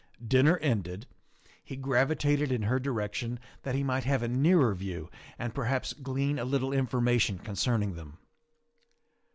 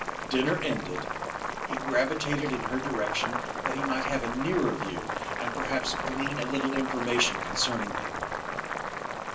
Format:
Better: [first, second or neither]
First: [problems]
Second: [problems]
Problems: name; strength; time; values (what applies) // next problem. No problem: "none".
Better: first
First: none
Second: background sound (Boiling); 2 dB below the speech // room echo; dies away in 0.3 s